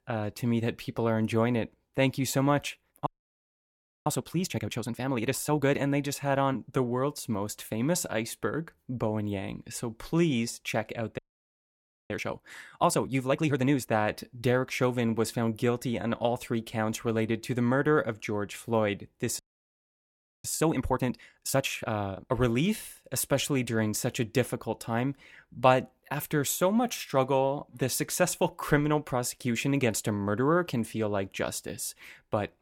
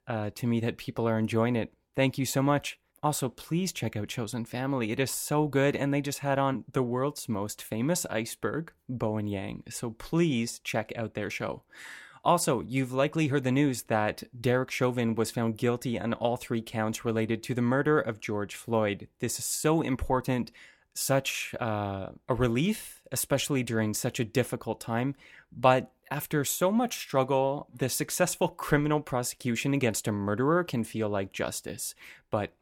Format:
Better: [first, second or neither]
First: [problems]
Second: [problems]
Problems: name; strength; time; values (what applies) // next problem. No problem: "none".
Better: second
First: audio freezing; at 3 s for 1 s, at 11 s for 1 s and at 19 s for 1 s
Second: none